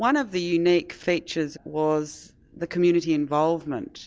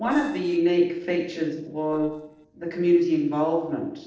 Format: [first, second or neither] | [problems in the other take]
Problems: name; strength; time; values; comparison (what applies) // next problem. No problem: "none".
first | noise reduction (neural separator model SepFormer DNS4)